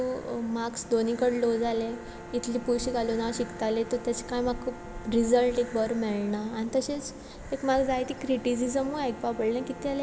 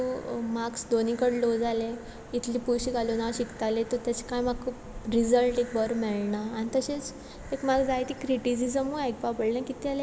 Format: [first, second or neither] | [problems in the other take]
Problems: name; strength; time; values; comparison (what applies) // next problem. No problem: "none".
second | background sound (Bowed string instrument); 19 dB below the speech